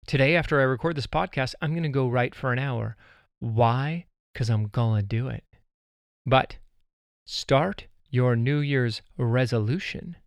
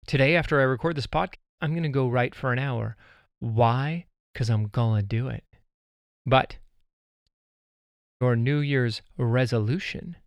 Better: first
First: none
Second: audio cutting out; at 1.5 s and at 7.5 s for 1 s

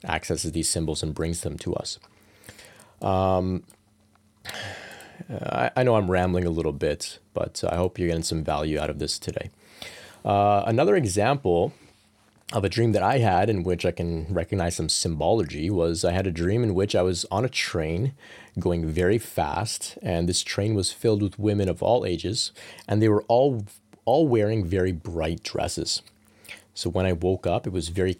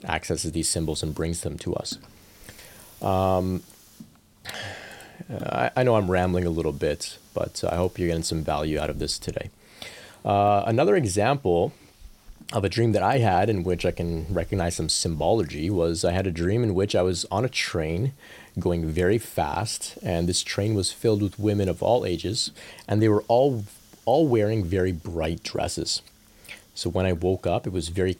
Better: first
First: none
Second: hiss; faint; throughout; 25 dB below the speech

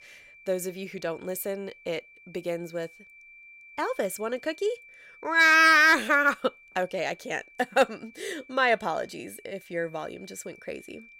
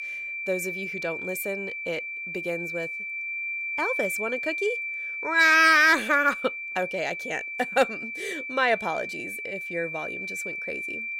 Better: first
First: high-pitched whine; faint; throughout; 2.5 kHz, 25 dB below the speech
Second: high-pitched whine; loud; throughout; 2.5 kHz, 6 dB below the speech

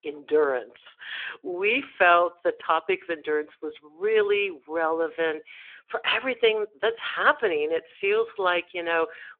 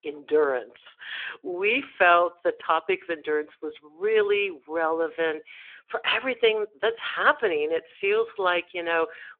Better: neither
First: phone-call audio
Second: phone-call audio

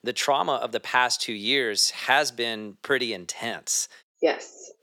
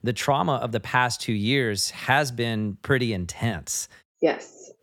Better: second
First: thin; somewhat; fading below 400 Hz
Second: none

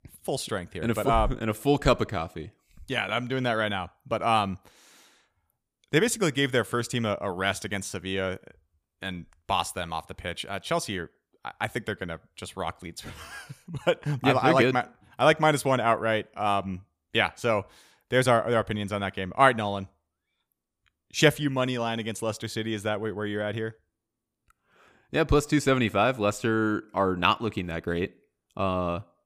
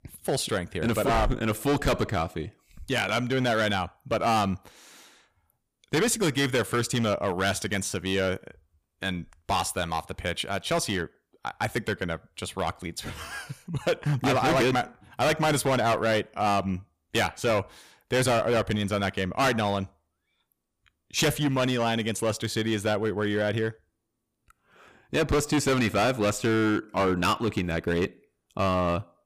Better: first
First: none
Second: distortion; heavy; 10% of the sound clipped

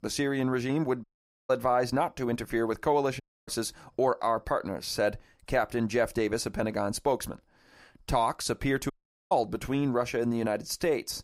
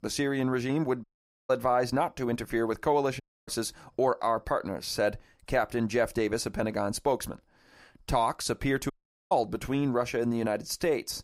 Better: neither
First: audio cutting out; at 1 s, at 3 s and at 9 s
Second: audio cutting out; at 1 s, at 3 s and at 9 s

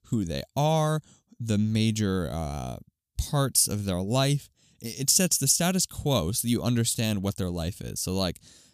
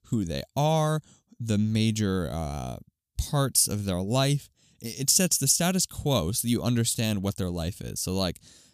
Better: neither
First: none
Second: none

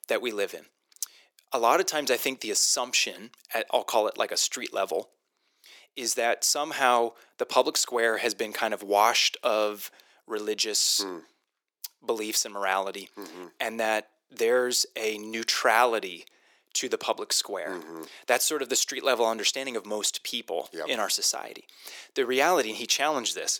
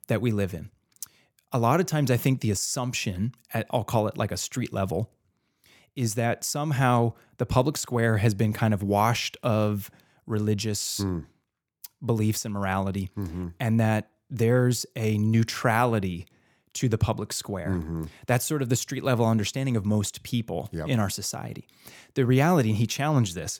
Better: second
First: thin; very; fading below 350 Hz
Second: none

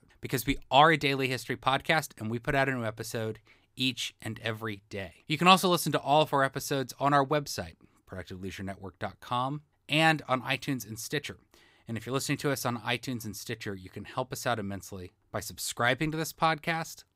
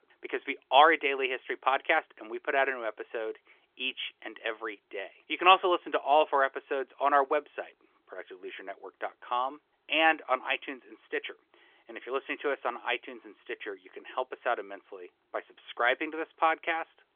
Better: first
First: none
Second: phone-call audio; nothing above 3.5 kHz

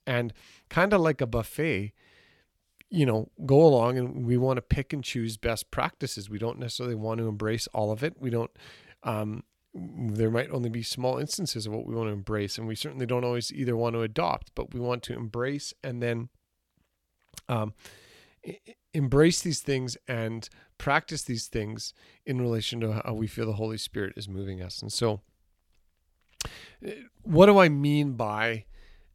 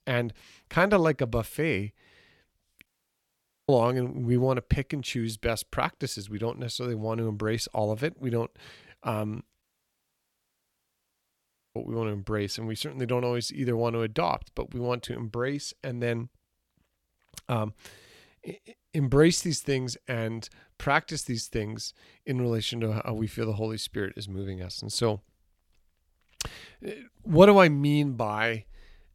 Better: first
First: none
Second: audio cutting out; at 3 s for 1 s and at 9.5 s for 2 s

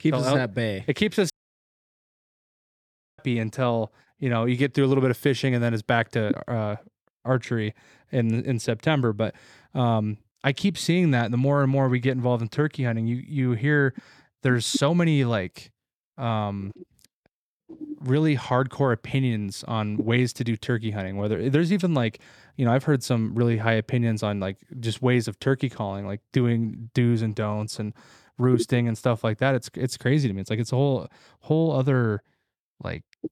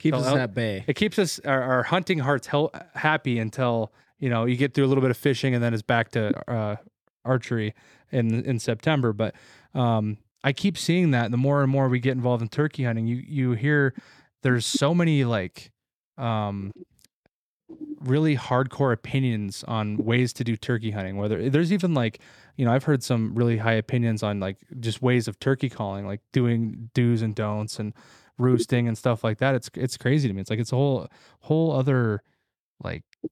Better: second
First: audio cutting out; at 1.5 s for 2 s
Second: none

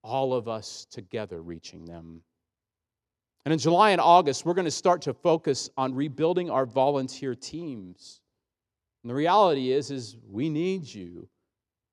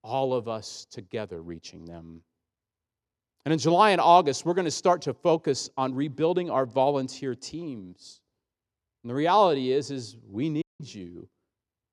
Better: first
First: none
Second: audio cutting out; at 11 s

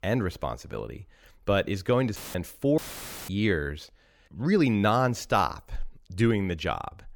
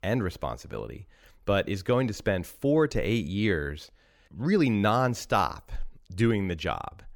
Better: second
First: audio cutting out; filled with static; at 2 s and at 3 s for 0.5 s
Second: none

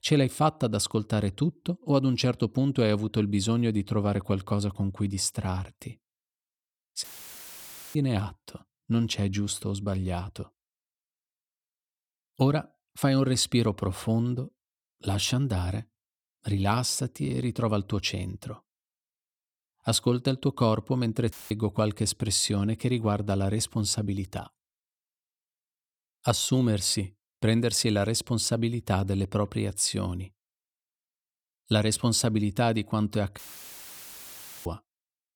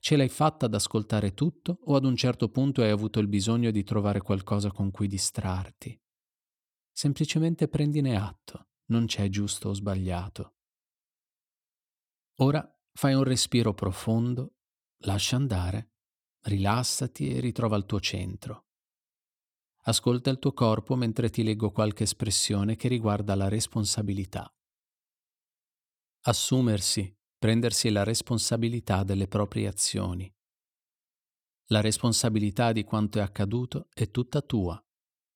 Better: second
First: audio cutting out; filled with static; at 7 s for 1 s, at 21 s and at 33 s for 1.5 s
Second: none

